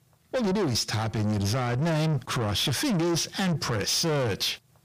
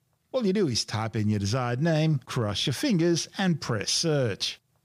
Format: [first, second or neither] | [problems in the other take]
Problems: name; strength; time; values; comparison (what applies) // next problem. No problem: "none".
second | distortion; heavy; 7 dB below the speech